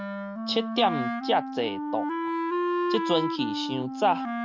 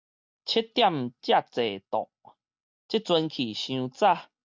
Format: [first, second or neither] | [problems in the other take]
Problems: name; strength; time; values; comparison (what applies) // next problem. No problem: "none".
second | background sound (Wind instrument, woodwind instrument); 1 dB below the speech